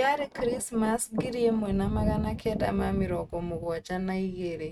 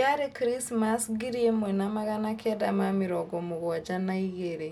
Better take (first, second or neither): second